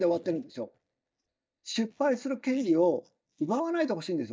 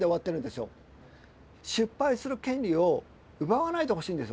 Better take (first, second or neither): second